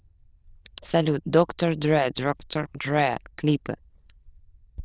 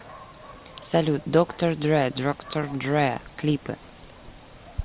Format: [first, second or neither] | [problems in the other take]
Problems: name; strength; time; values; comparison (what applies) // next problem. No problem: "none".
second | noise reduction (neural diffusion model UNIVERSE++)